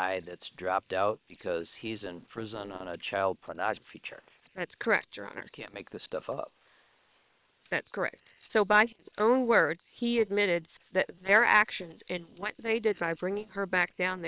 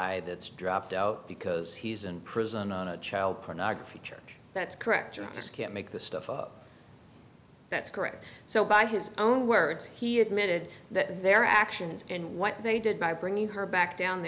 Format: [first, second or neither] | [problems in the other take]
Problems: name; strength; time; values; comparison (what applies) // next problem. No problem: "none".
second | noise reduction (neural separator model SepFormer WHAM!)